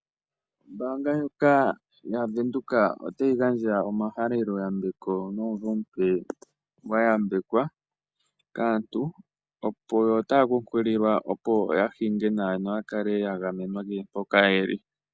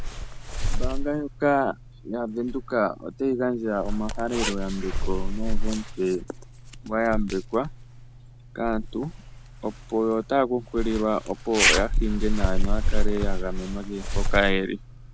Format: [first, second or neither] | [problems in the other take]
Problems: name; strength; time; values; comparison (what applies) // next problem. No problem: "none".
first | background sound (Zipper (clothing)); 2 dB above the speech